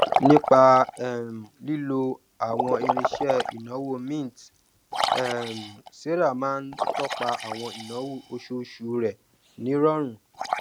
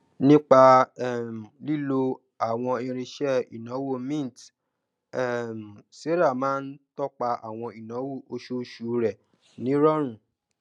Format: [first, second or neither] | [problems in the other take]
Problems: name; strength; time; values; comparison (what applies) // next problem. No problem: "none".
second | background sound (Liquid); 5 dB below the speech